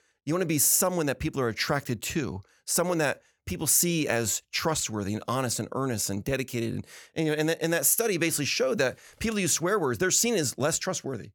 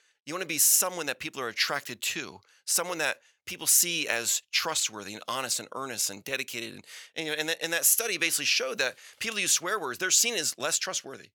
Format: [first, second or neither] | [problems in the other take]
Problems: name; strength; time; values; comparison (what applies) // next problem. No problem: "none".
first | thin; somewhat; fading below 1 kHz